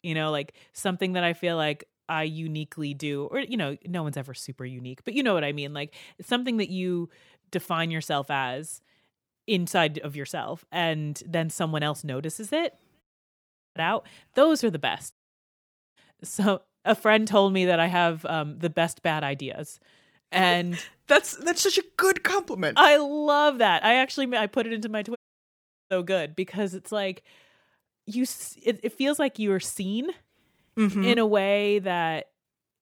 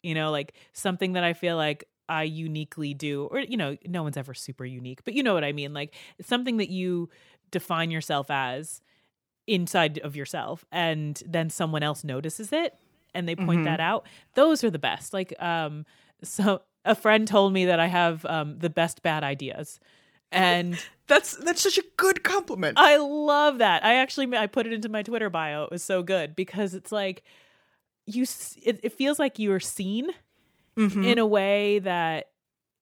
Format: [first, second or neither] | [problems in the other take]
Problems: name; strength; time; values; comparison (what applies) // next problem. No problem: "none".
second | audio cutting out; at 13 s for 0.5 s, at 15 s for 1 s and at 25 s for 0.5 s